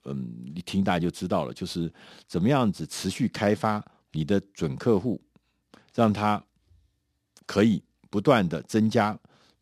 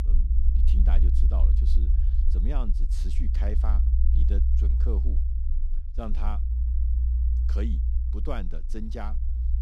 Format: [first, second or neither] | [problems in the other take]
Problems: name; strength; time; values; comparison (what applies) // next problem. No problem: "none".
first | low rumble; loud; throughout; 4 dB below the speech